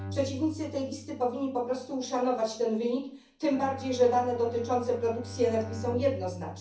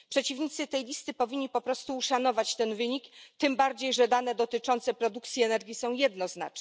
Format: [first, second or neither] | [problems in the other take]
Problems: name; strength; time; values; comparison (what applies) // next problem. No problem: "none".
second | background sound (Bowed string instrument); 13 dB below the speech // room echo; dies away in 0.6 s